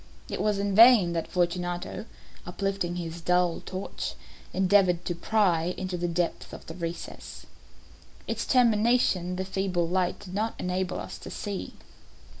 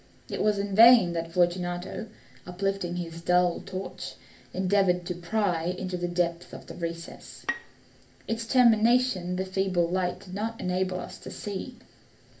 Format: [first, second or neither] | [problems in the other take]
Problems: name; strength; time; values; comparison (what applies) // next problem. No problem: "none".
first | background sound (Bowed string instrument); 13 dB below the speech // room echo; dies away in 0.3 s